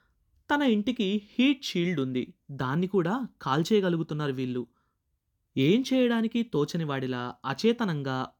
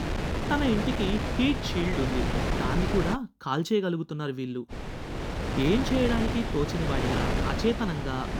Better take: first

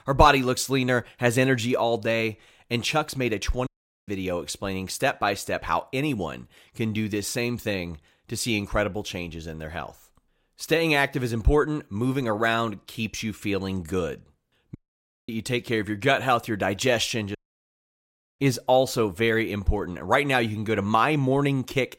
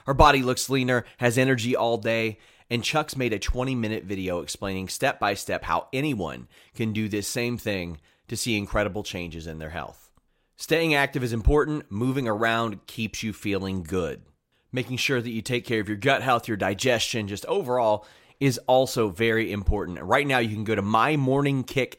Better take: second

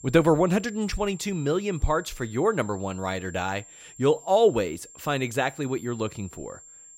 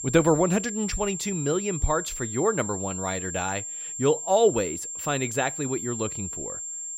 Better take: first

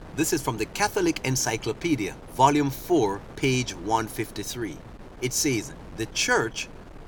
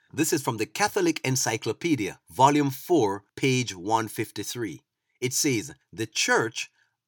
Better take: second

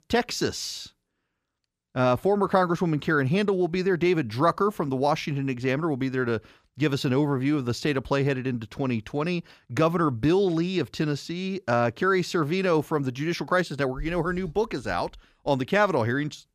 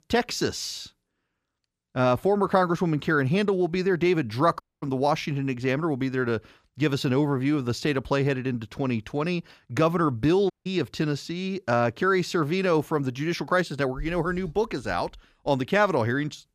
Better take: first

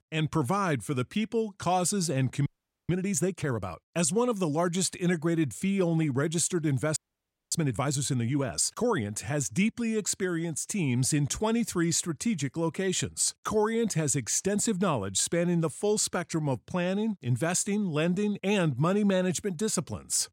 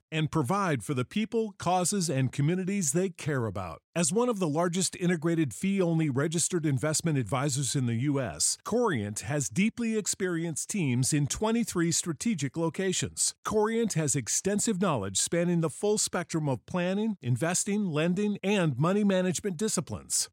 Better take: second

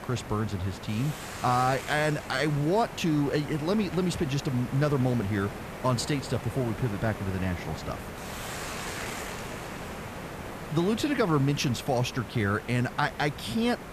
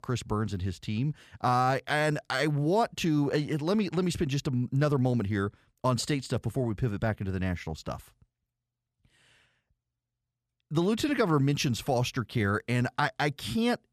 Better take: second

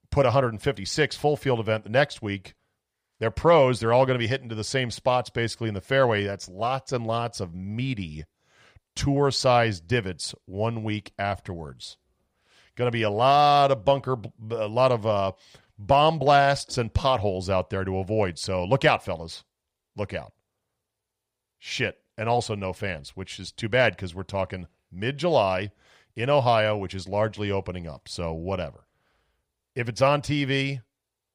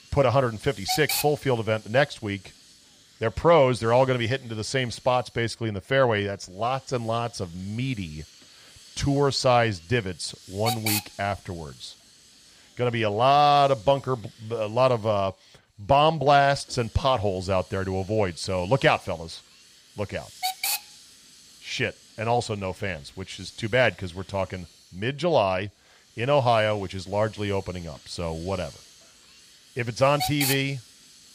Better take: first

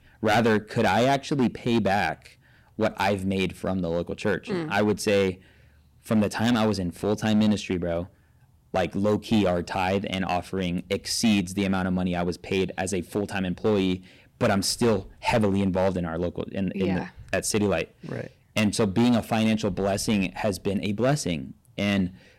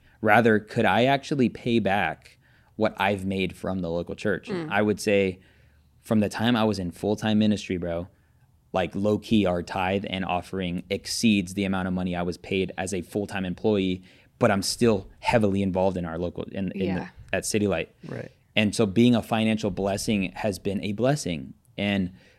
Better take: second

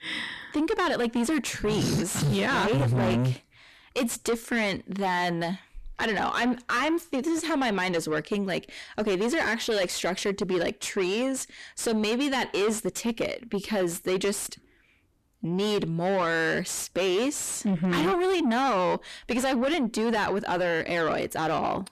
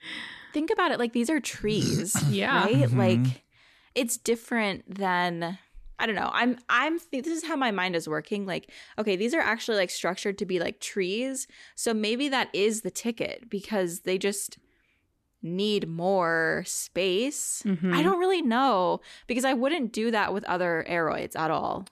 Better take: second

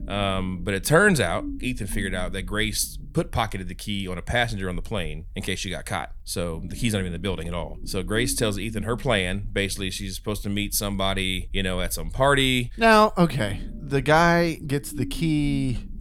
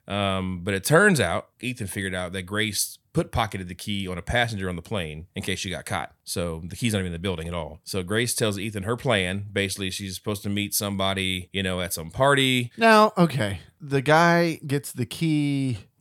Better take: second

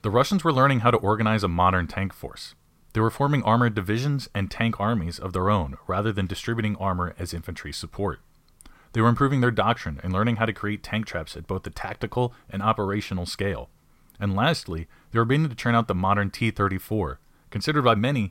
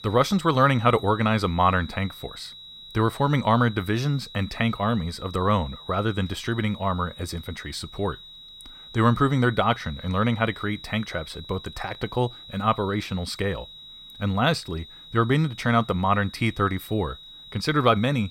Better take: first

